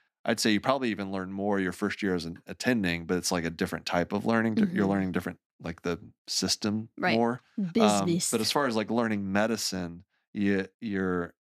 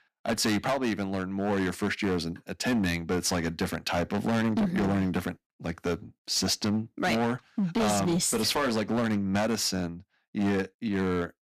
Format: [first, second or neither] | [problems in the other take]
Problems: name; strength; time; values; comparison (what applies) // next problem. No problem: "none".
first | distortion; heavy; 13% of the sound clipped